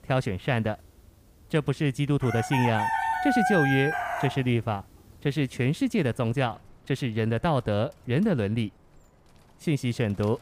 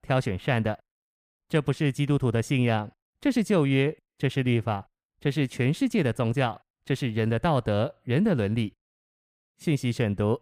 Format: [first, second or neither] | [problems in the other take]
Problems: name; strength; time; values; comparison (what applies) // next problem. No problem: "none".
second | animal sounds; loud; throughout; 1 dB below the speech